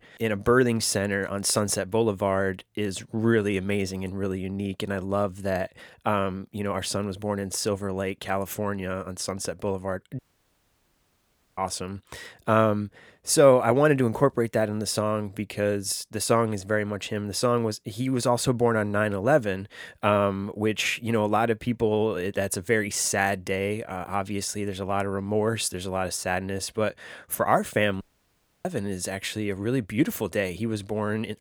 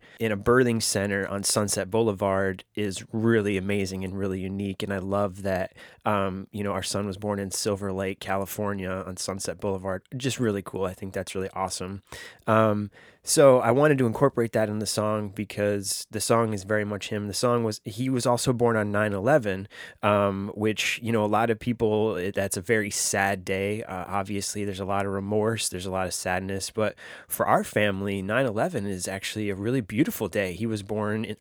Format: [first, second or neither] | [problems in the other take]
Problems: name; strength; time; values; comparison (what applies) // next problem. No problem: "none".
second | audio cutting out; at 10 s for 1.5 s and at 28 s for 0.5 s